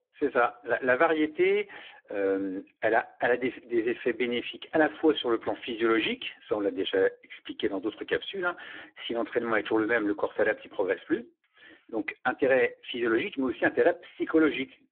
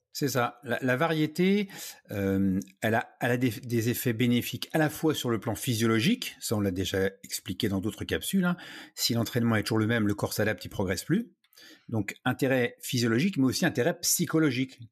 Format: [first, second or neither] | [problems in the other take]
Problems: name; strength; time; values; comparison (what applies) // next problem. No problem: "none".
second | phone-call audio; poor line; nothing above 3.5 kHz